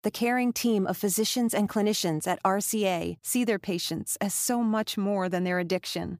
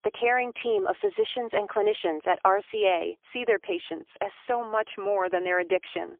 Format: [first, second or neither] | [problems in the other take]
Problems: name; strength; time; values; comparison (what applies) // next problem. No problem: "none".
first | phone-call audio; poor line; nothing above 3.5 kHz